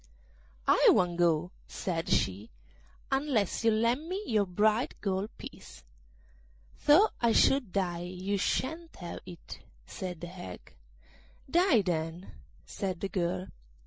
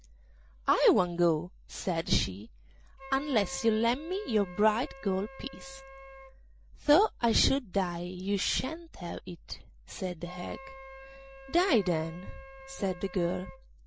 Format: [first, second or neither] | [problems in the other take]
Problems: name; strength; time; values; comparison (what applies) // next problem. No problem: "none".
first | background sound (Wind instrument, woodwind instrument); 20 dB below the speech